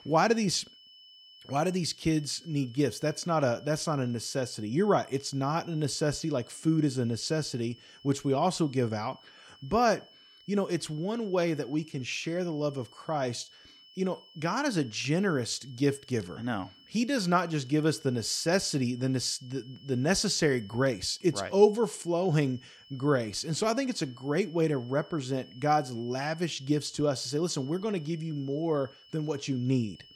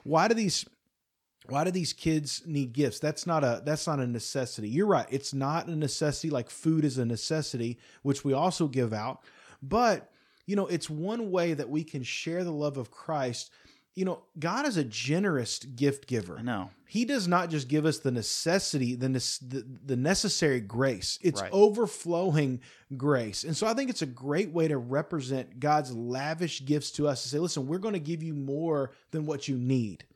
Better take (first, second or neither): second